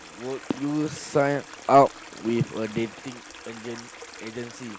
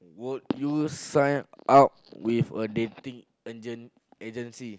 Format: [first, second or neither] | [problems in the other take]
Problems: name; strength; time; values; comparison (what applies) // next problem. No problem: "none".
second | background sound (Stream); 17 dB below the speech